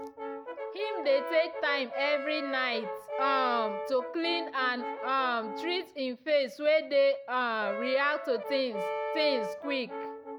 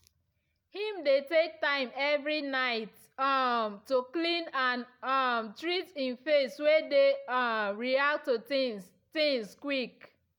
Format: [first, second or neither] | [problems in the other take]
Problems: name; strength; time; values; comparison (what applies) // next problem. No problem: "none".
second | background sound (Brass instrument); 7 dB below the speech